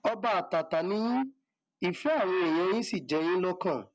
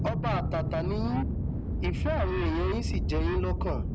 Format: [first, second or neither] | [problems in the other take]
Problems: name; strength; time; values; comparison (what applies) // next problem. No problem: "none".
first | background sound (Aircraft); 3 dB above the speech